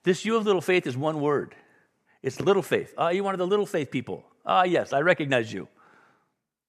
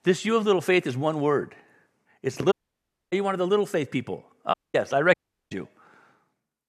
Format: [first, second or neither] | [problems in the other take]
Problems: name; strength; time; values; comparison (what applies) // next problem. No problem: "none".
first | audio cutting out; at 2.5 s for 0.5 s, at 4.5 s and at 5 s